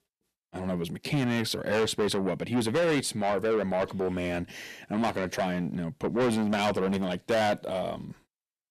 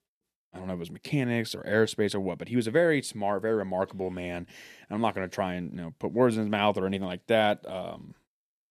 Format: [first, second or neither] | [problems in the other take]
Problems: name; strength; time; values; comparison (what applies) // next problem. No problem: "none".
second | distortion; heavy; 6 dB below the speech